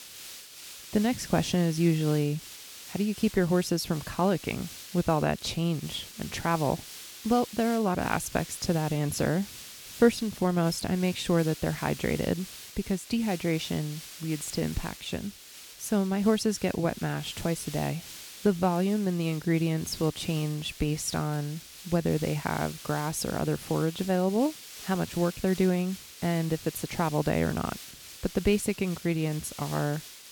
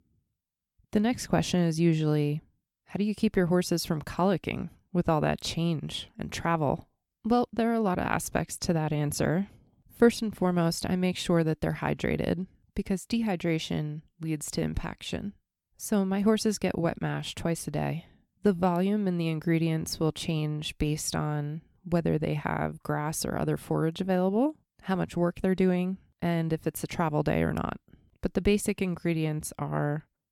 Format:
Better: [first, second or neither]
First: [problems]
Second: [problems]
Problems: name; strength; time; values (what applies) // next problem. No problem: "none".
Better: second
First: hiss; noticeable; throughout; 15 dB below the speech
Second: none